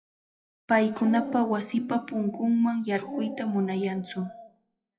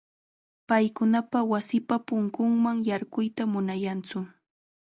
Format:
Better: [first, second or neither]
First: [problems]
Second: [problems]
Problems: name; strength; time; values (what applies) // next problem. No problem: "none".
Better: second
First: noise reduction (classical method WPE with log-MMSE)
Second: none